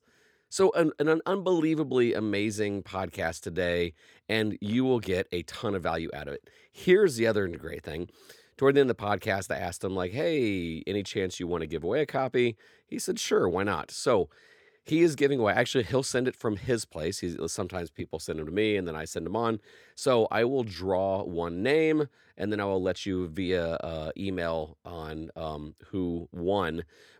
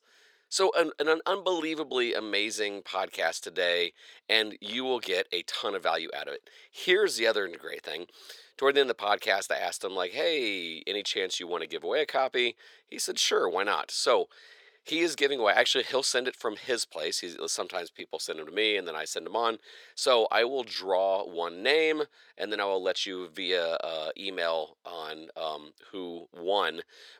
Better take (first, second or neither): first